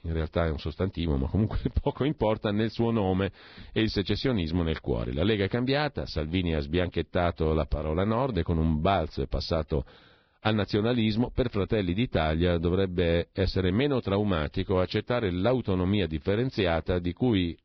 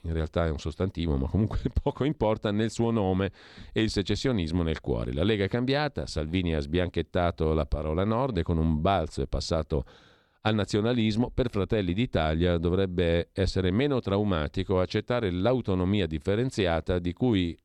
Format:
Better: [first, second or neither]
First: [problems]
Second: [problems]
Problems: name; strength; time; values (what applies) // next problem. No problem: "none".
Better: second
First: garbled, watery; badly; nothing above 5 kHz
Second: none